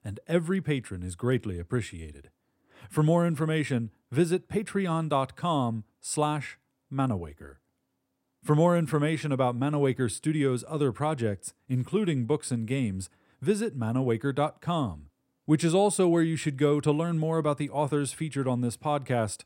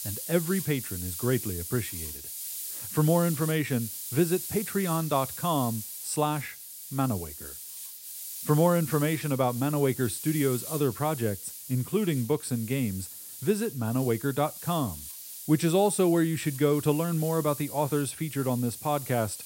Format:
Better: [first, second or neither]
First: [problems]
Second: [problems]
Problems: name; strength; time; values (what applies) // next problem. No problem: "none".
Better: first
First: none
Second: hiss; loud; throughout; 9 dB below the speech